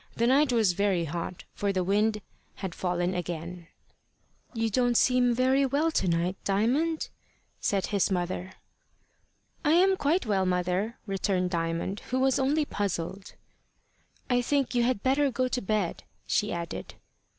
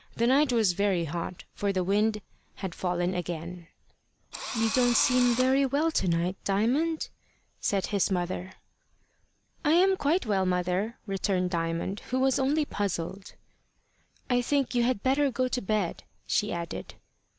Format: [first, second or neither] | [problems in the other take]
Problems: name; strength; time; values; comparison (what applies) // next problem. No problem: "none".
first | background sound (Engine / Drill); 6 dB below the speech